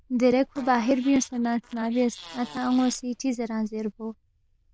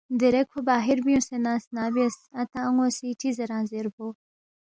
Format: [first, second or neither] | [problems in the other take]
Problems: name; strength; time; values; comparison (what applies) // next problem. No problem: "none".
second | noise reduction (neural diffusion model UNIVERSE++)